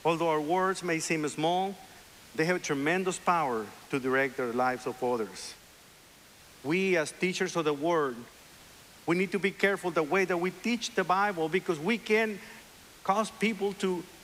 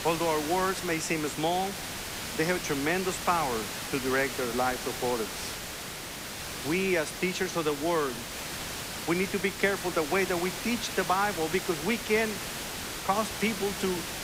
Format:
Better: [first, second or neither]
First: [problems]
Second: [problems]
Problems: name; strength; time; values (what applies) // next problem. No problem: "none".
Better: first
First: hiss; faint; throughout; 20 dB below the speech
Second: hiss; loud; throughout; 5 dB below the speech